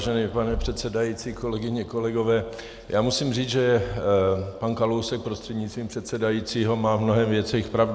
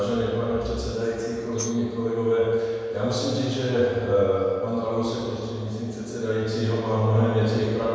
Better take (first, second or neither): first